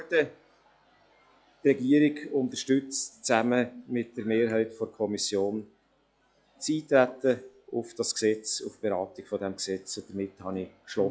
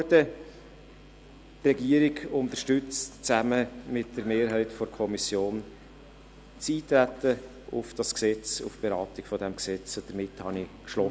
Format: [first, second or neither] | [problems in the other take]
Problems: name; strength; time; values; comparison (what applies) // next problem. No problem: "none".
second | noise reduction (classical method log-MMSE)